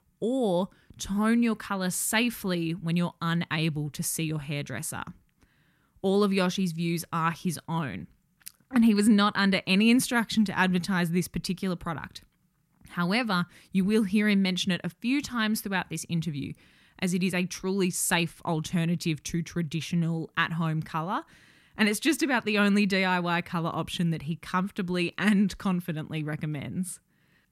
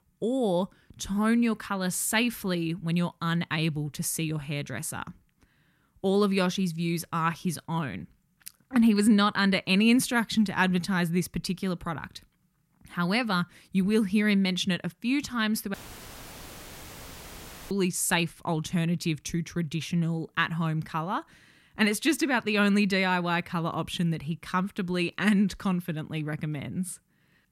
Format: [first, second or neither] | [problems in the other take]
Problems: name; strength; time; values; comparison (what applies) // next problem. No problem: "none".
first | audio cutting out; filled with static; at 16 s for 2 s